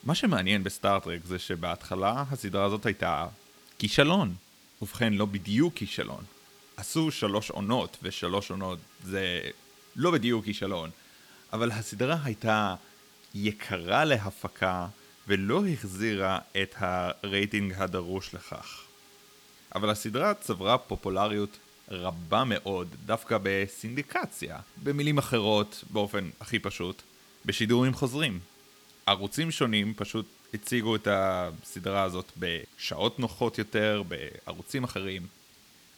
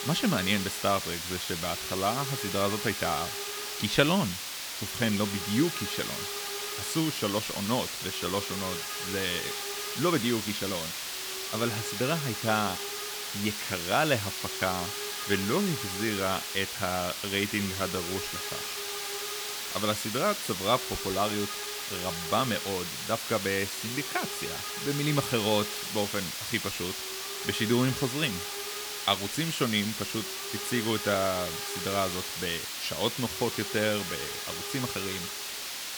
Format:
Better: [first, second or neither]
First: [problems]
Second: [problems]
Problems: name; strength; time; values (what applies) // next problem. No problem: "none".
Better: first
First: hiss; faint; throughout; 25 dB below the speech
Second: hiss; loud; throughout; 3 dB below the speech